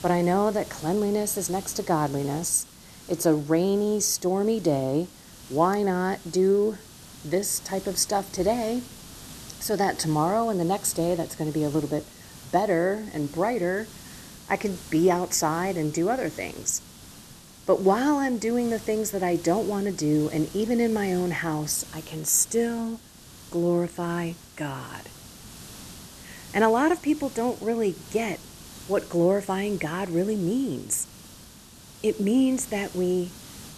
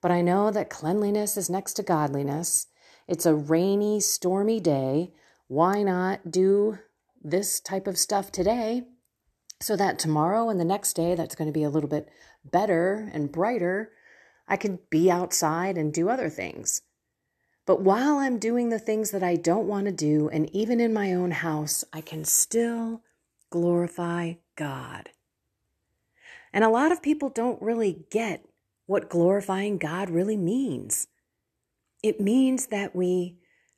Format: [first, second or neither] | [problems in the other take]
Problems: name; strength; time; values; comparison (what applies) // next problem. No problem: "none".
second | hiss; noticeable; throughout; 20 dB below the speech